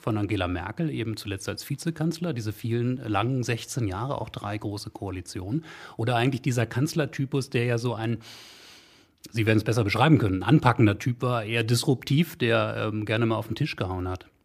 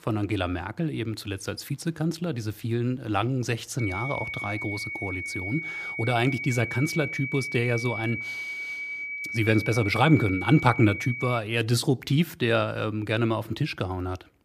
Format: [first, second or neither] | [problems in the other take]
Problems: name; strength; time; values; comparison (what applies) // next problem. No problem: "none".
first | high-pitched whine; loud; from 4 to 11 s; 2.5 kHz, 5 dB below the speech